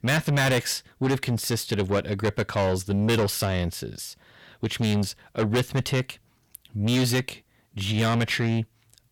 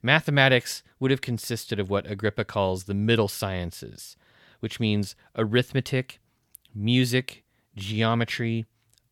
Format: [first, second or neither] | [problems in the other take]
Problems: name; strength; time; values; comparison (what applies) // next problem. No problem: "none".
second | distortion; heavy; 6 dB below the speech